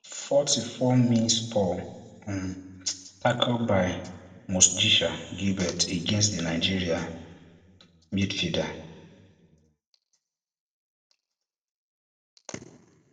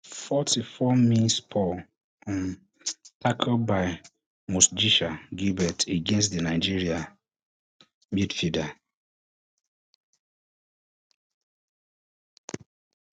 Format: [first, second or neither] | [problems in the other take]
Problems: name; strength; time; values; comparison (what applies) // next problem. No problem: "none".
second | room echo; dies away in 1.1 s